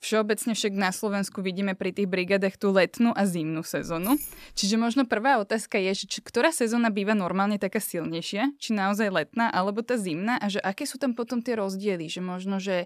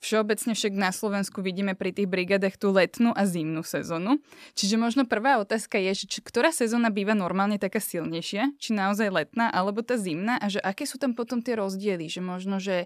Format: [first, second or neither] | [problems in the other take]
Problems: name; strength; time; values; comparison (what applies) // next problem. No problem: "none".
second | jangling keys; noticeable; at 4 s; peak 8 dB below the speech